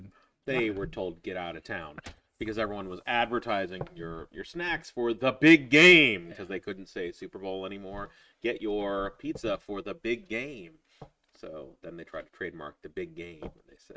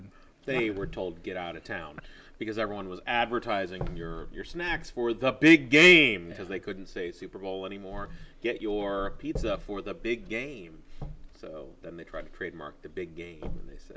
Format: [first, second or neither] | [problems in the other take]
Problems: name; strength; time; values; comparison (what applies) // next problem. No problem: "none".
second | noise reduction (neural mask model RNNoise)